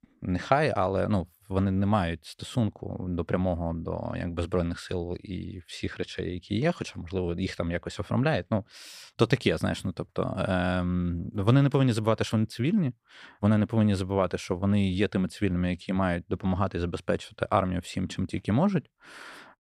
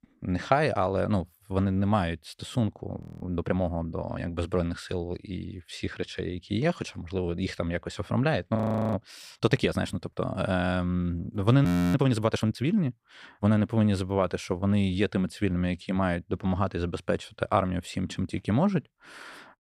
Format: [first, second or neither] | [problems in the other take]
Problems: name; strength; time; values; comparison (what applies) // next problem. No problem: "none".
first | audio freezing; at 3 s, at 8.5 s and at 12 s